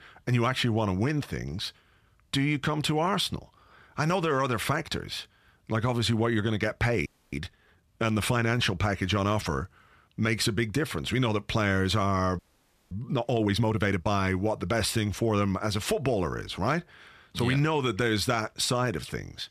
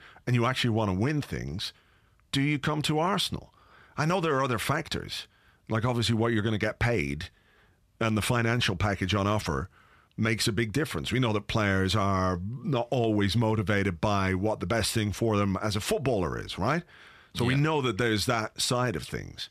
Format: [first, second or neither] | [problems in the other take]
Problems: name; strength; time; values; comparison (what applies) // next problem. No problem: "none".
second | audio freezing; at 7 s and at 12 s for 0.5 s